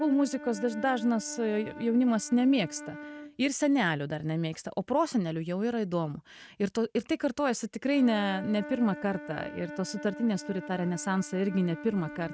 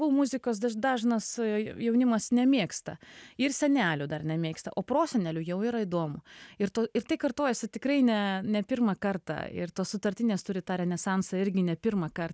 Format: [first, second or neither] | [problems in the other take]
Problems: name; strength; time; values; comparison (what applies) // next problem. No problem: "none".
second | noise reduction (neural mask model RNNoise)